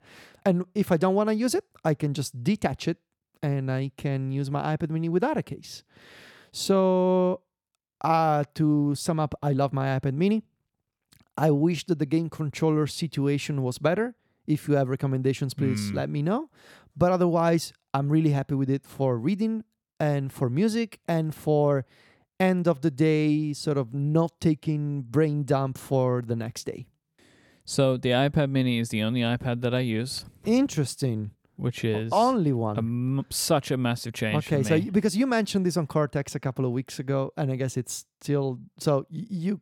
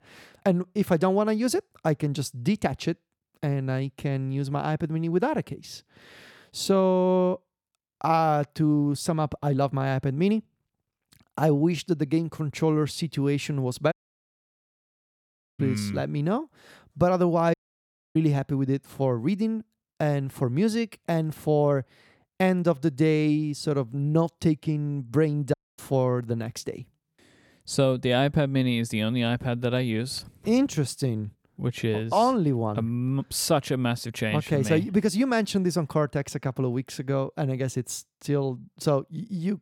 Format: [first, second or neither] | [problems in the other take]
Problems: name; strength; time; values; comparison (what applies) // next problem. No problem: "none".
first | audio cutting out; at 14 s for 1.5 s, at 18 s for 0.5 s and at 26 s